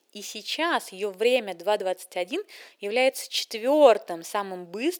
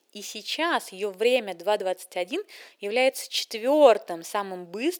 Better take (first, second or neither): neither